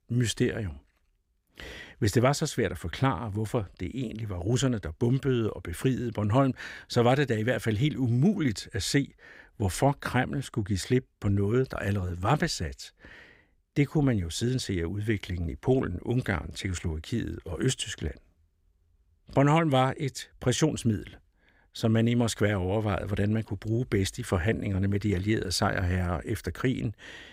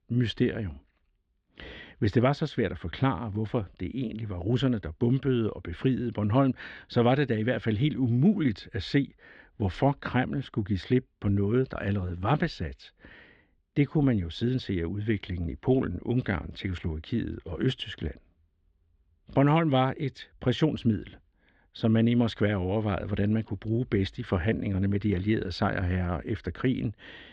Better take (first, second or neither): first